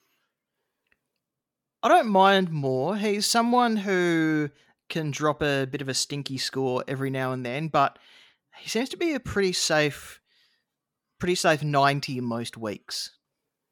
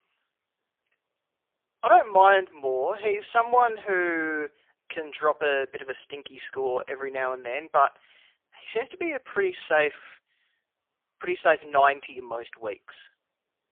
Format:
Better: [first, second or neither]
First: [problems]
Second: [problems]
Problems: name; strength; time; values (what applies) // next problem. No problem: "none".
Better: first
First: none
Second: phone-call audio; poor line